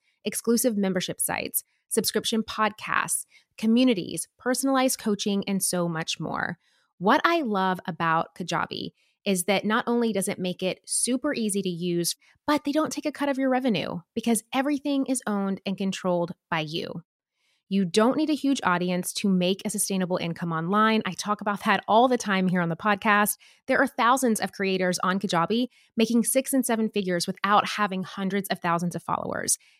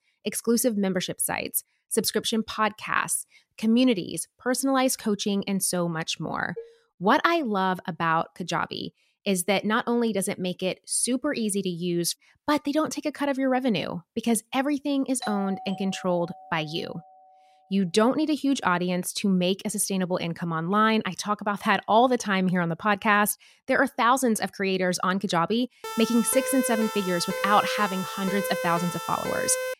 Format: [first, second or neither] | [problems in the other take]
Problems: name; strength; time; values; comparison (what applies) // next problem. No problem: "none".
first | clattering dishes; faint; at 6.5 s; peak 15 dB below the speech // doorbell; faint; from 15 to 17 s; peak 10 dB below the speech // siren; noticeable; from 26 s on; peak 4 dB below the speech